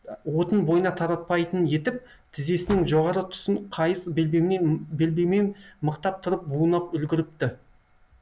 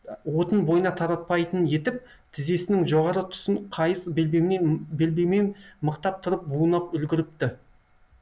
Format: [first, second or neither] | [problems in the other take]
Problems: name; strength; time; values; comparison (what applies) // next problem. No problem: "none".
second | background sound (Slam); 17 dB below the speech